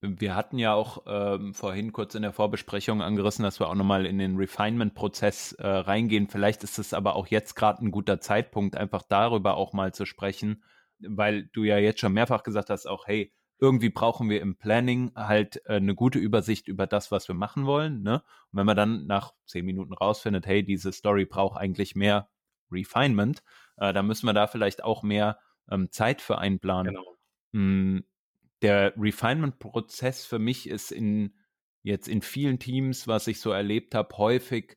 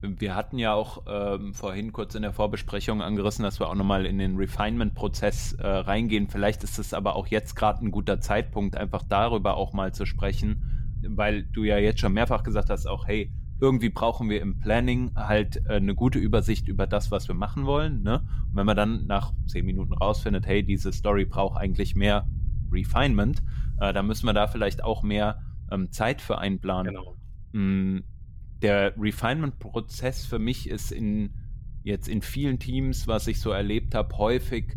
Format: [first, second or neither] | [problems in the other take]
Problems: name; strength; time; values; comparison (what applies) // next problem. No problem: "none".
first | low rumble; faint; throughout; 20 dB below the speech